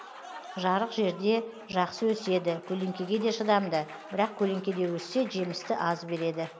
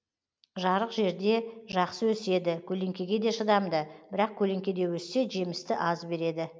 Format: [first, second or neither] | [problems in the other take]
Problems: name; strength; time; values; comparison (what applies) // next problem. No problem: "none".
second | background sound (Applause); 17 dB below the speech